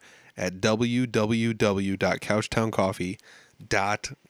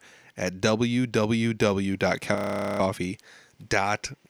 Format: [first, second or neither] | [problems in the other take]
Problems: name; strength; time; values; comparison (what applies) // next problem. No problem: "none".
first | audio freezing; at 2.5 s